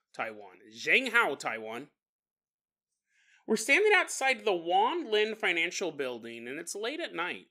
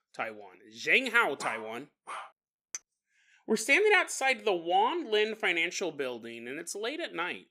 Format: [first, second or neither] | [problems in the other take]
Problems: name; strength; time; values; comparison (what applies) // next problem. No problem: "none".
first | dog barking; faint; at 1.5 s; peak 10 dB below the speech // clattering dishes; very faint; at 2.5 s; peak 15 dB below the speech